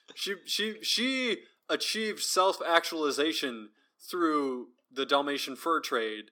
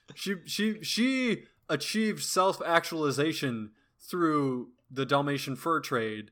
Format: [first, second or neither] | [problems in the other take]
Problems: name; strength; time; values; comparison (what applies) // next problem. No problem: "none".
second | thin; very slightly; fading below 300 Hz